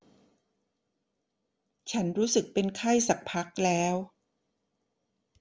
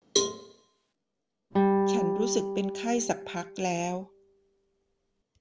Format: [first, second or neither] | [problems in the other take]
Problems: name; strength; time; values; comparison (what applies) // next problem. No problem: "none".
first | background sound (Guitar + Cowbell); 3 dB above the speech